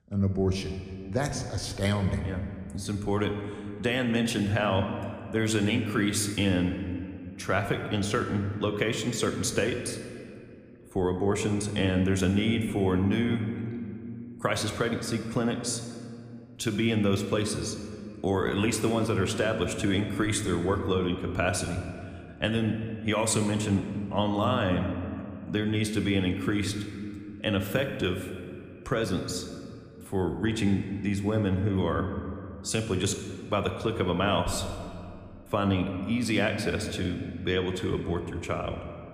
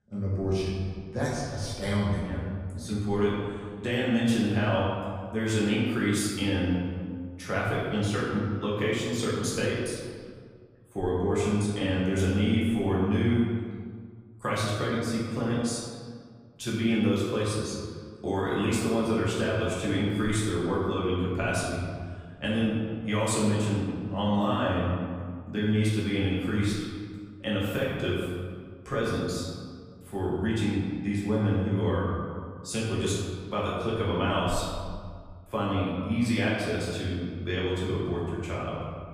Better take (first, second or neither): first